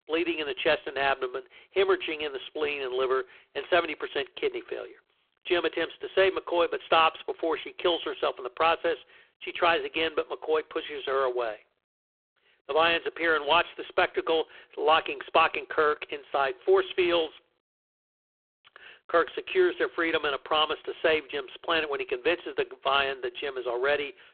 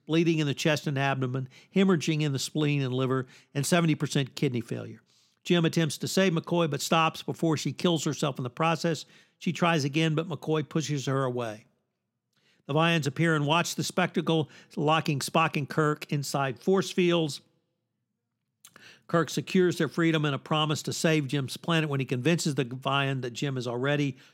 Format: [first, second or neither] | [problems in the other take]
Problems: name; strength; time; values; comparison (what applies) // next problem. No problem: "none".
second | phone-call audio; poor line